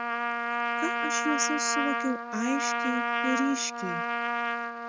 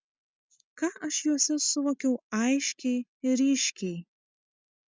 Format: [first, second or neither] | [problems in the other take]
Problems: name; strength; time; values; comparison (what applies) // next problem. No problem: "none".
second | background sound (Trumpet); 3 dB above the speech